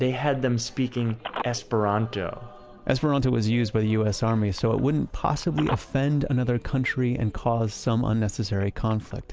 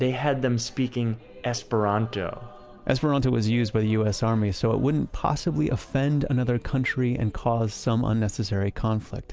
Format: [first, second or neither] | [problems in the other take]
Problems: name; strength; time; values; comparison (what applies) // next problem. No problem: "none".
second | background sound (Telephone); 19 dB below the speech